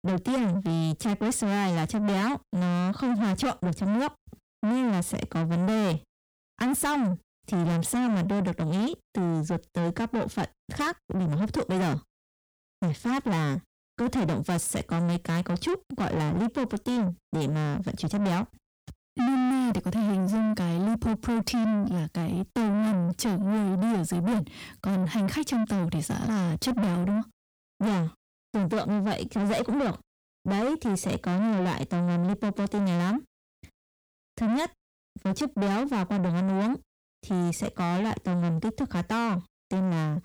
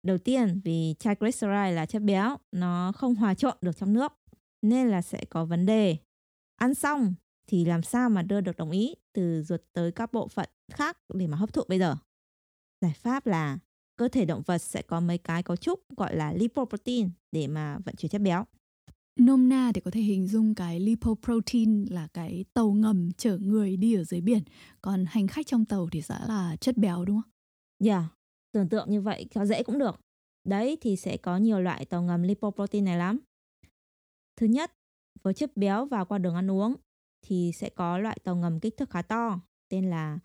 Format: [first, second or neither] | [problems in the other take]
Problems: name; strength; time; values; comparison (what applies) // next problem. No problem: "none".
second | distortion; heavy; 7 dB below the speech